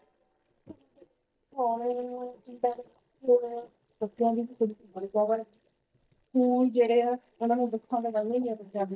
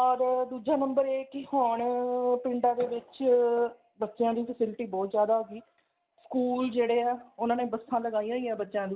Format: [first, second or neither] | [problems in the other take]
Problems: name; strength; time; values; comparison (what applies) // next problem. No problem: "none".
second | noise reduction (neural mask model DeepFilterNet 3)